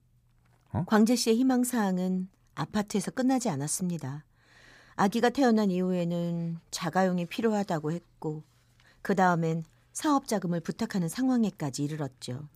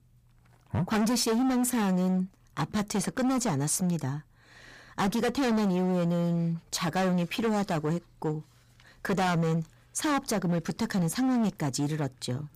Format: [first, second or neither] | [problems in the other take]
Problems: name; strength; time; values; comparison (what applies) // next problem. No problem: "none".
first | distortion; heavy; 20% of the sound clipped